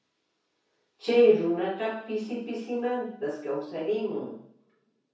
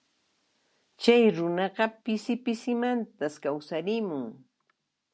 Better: second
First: room echo; dies away in 0.6 s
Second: none

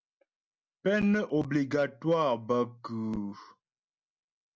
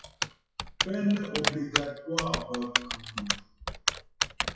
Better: first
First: none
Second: noise reduction (classical method WPE with log-MMSE)

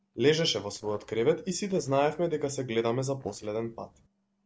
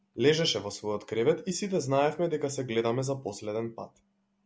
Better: second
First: noise reduction (neural separator model SepFormer DNS4)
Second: none

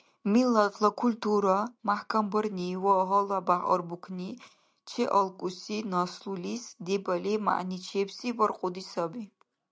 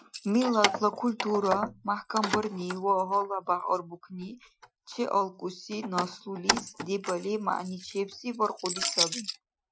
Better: first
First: none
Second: noise reduction (classical method Wiener filter)

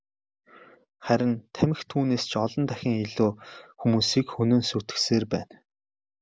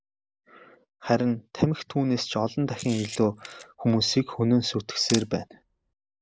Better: first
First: none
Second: background sound (Camera); 15 dB below the speech

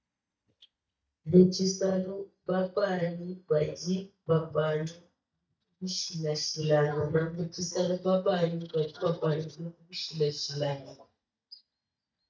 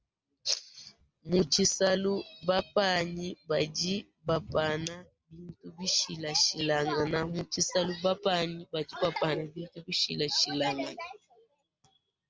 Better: second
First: noise reduction (neural mask model DeepFilterNet 3)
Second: none

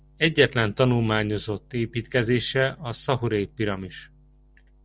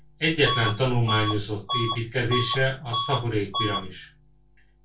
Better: first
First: none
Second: background sound (Bus / Alarm); 5 dB below the speech // room echo; dies away in 0.2 s

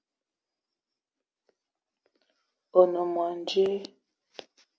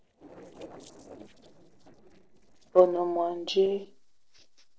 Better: first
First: none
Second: noise reduction (neural separator model SepFormer DNS4)

